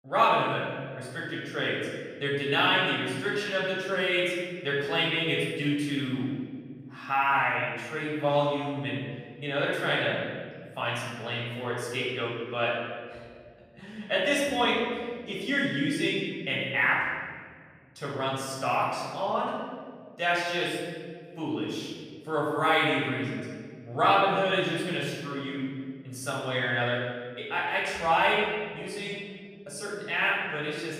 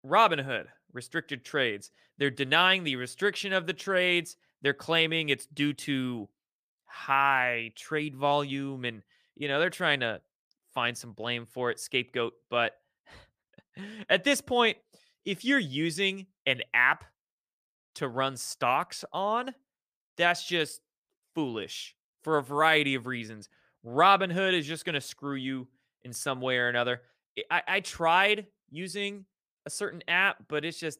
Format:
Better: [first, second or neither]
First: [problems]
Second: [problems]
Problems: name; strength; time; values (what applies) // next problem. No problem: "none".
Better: second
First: room echo; strong; dies away in 1.9 s // off-mic speech; far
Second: none